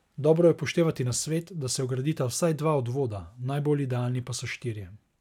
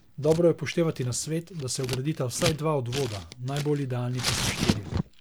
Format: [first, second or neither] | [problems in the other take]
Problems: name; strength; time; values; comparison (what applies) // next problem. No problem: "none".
first | background sound (Scissors); 6 dB below the speech